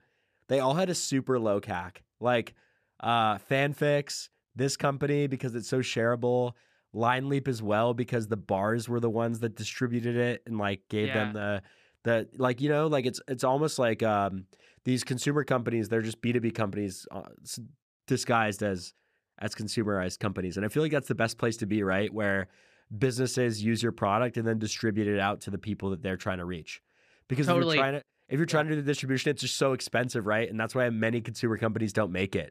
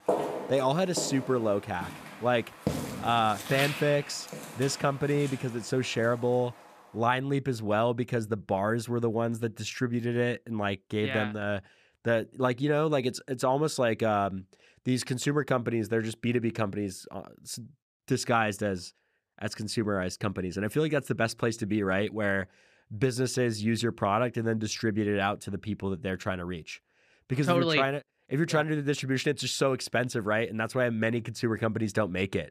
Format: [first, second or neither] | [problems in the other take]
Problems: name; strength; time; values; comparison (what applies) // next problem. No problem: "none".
first | footsteps; noticeable; until 4.5 s; peak 1 dB below the speech